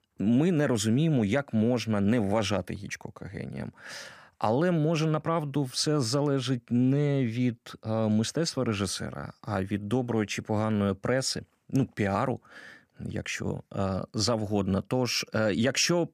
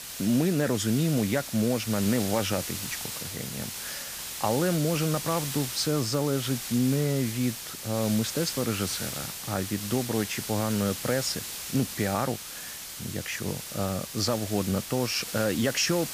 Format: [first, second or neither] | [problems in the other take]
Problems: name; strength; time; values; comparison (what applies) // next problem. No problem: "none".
first | hiss; loud; throughout; 6 dB below the speech